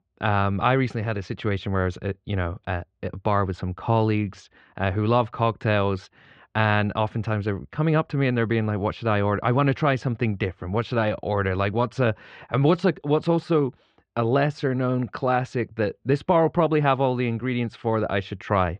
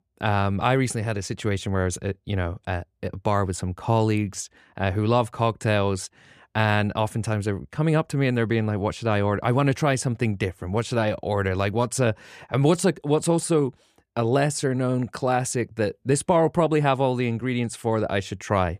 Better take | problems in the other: second | muffled; slightly; fading above 4 kHz

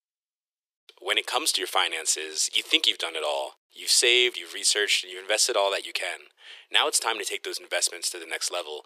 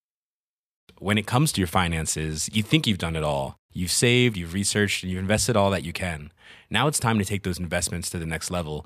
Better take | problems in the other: second | thin; very; fading below 350 Hz

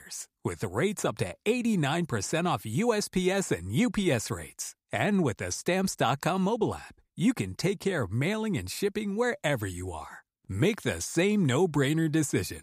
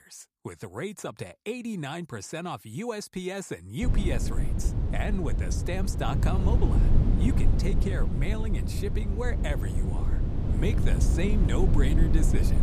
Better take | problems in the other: first | wind noise on the microphone; heavy; from 4 s on; 3 dB below the speech

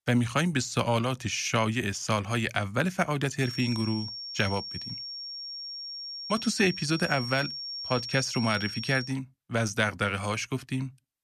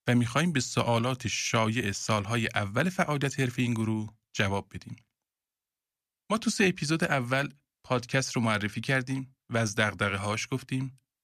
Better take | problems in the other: second | high-pitched whine; loud; from 3.5 to 9 s; 5.5 kHz, 7 dB below the speech

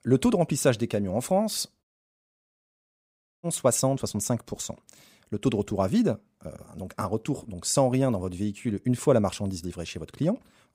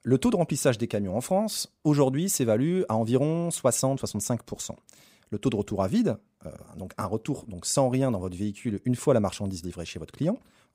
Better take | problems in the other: second | audio cutting out; at 2 s for 1.5 s

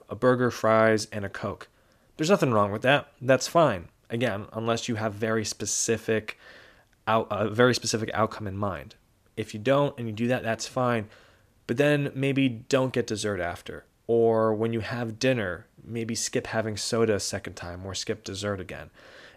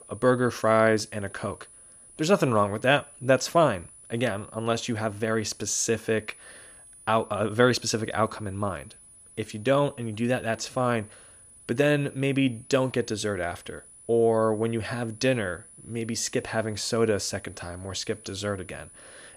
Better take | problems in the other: first | high-pitched whine; faint; throughout; 10 kHz, 20 dB below the speech

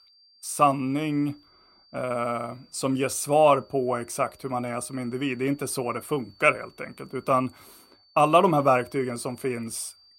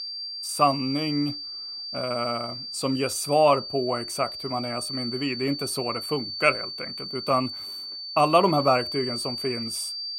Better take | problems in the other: first | high-pitched whine; loud; throughout; 4.5 kHz, 6 dB below the speech; faint in the first

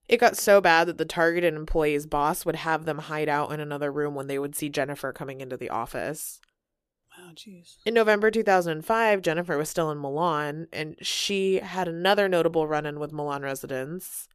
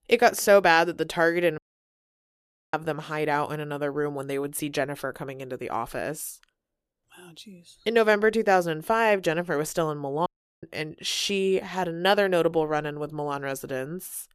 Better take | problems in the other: first | audio cutting out; at 1.5 s for 1 s and at 10 s

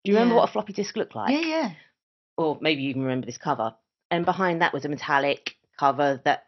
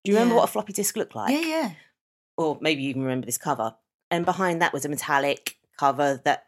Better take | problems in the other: second | garbled, watery; slightly; nothing above 6 kHz

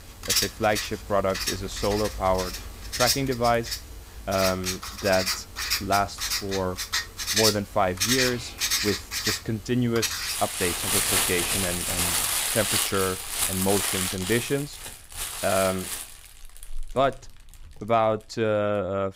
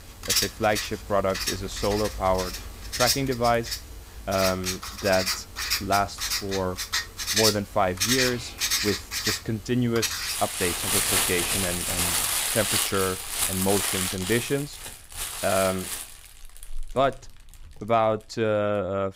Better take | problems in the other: neither | household noises; very loud; throughout; 1 dB above the speech; the same in both

